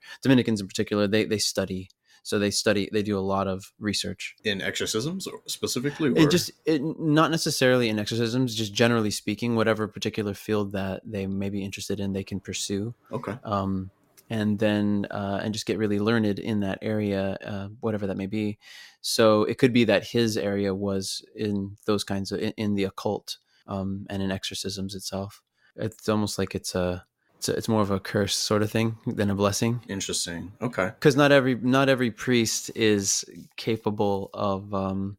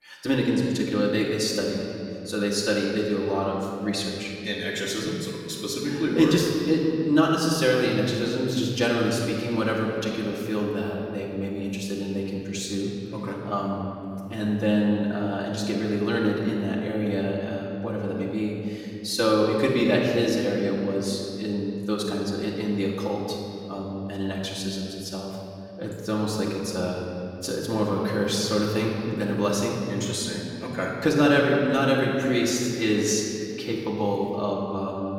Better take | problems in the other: first | off-mic speech; far // room echo; noticeable; dies away in 2.3 s

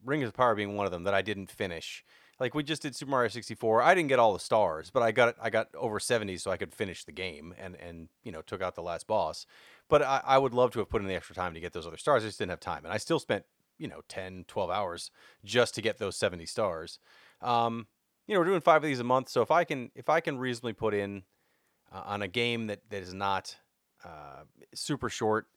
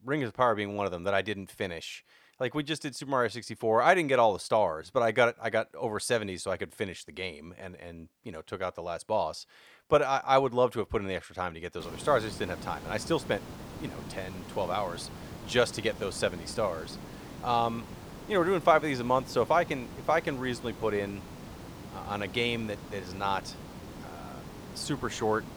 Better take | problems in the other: first | hiss; noticeable; from 12 s on; 15 dB below the speech

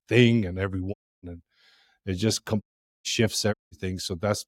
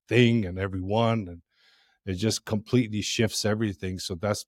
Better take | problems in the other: second | audio cutting out; at 1 s, at 2.5 s and at 3.5 s

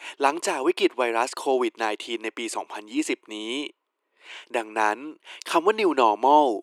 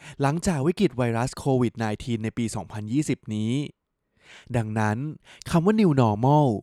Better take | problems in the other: second | thin; very; fading below 300 Hz

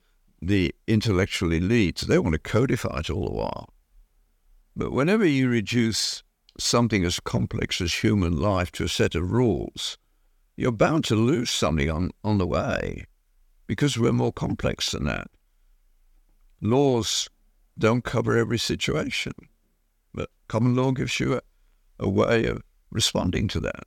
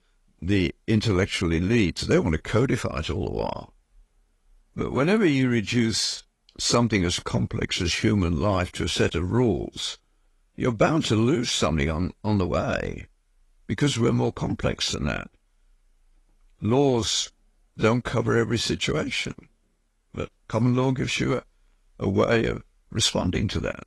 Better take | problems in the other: first | garbled, watery; slightly; nothing above 11.5 kHz

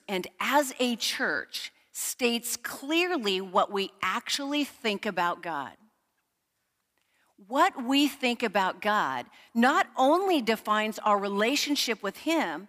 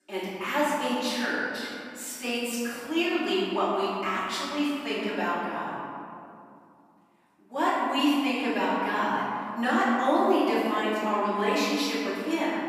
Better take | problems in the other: first | off-mic speech; far // room echo; strong; dies away in 2.3 s

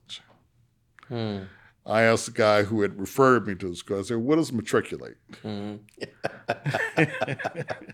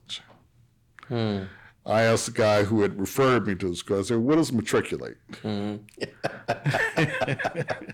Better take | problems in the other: first | distortion; heavy; 8 dB below the speech

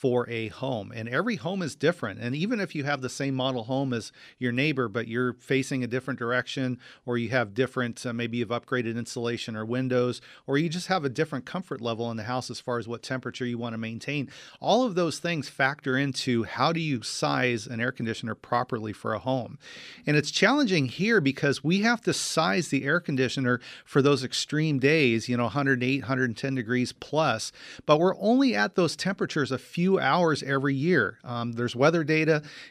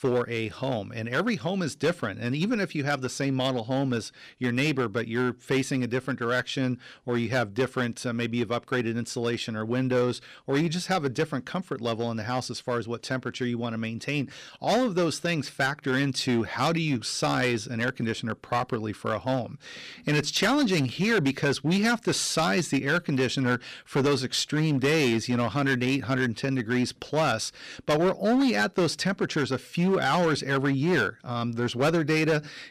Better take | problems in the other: first | distortion; slight; 7% of the sound clipped

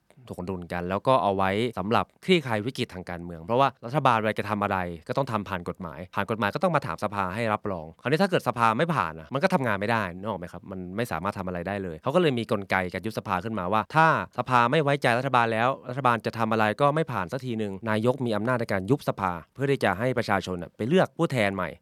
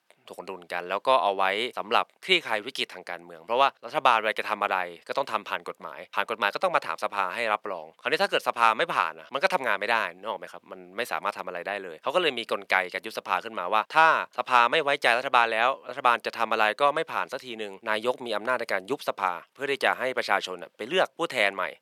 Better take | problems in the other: first | thin; very; fading below 500 Hz

